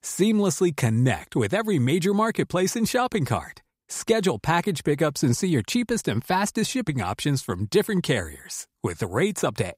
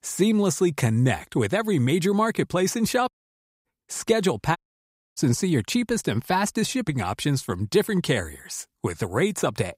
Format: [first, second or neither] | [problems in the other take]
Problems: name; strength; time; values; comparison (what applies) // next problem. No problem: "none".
first | audio cutting out; at 3 s for 0.5 s and at 4.5 s for 0.5 s